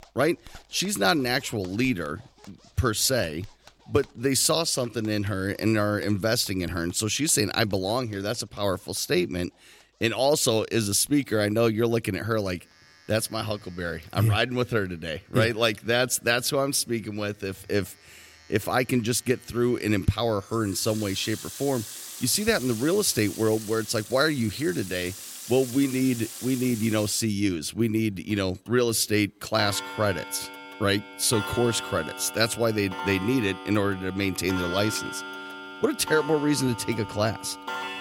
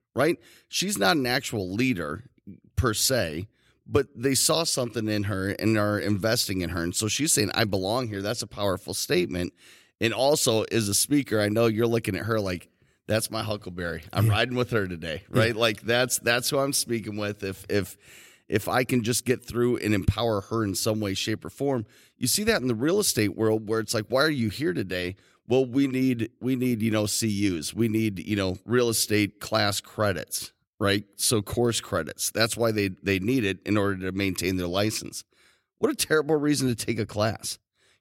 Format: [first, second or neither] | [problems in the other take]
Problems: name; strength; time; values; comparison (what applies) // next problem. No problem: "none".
second | household noises; noticeable; throughout; 10 dB below the speech